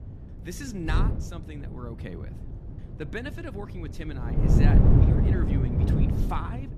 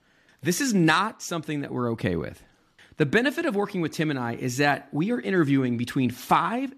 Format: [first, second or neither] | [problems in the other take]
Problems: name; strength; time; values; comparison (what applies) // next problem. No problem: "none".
second | wind noise on the microphone; heavy; 4 dB above the speech